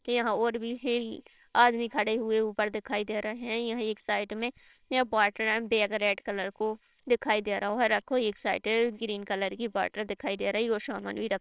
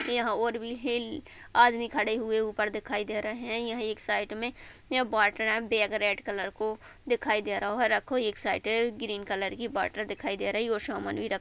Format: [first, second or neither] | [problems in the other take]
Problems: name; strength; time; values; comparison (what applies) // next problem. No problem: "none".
second | noise reduction (neural separator model SepFormer WHAMR!)